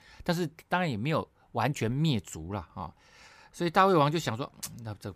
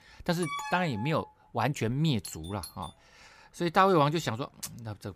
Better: first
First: none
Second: alarm; noticeable; at 0.5 s; peak 6 dB below the speech // doorbell; faint; at 2 s; peak 15 dB below the speech

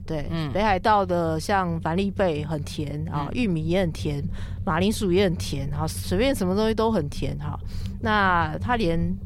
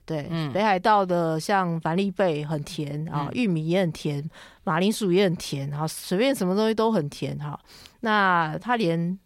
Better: second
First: low rumble; faint; throughout; 25 dB below the speech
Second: none

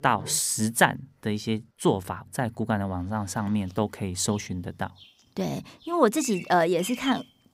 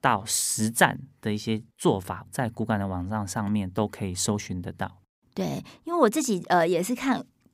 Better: second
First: animal sounds; noticeable; throughout; 15 dB below the speech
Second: none

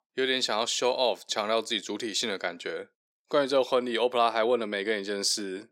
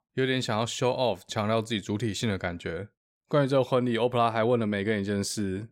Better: second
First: thin; somewhat; fading below 300 Hz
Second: none

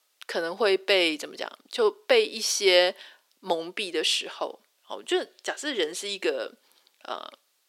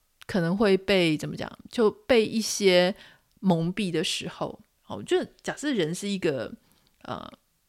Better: second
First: thin; very; fading below 350 Hz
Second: none

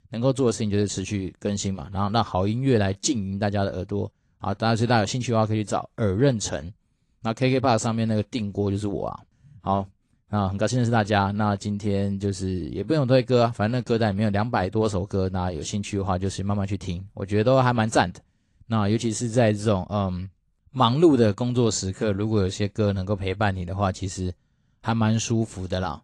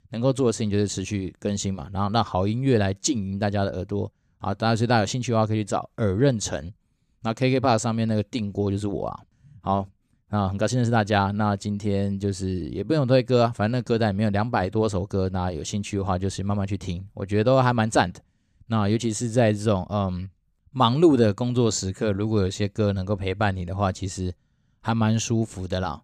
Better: second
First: garbled, watery; slightly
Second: none

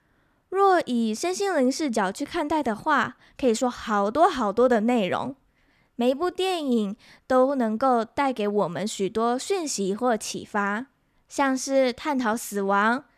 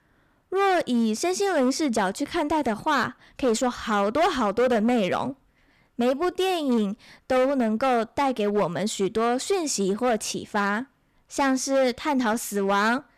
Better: first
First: none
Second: distortion; slight; 9% of the sound clipped

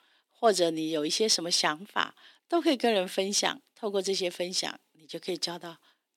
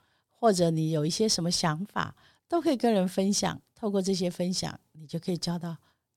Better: second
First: thin; somewhat; fading below 300 Hz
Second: none

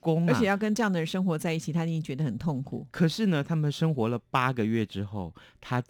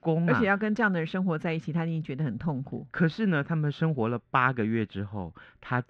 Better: first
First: none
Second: muffled; very; fading above 2.5 kHz

